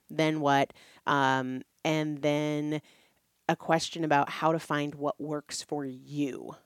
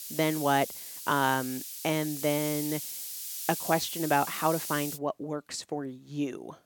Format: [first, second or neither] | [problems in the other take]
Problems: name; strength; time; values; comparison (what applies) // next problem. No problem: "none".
first | hiss; loud; until 5 s; 5 dB below the speech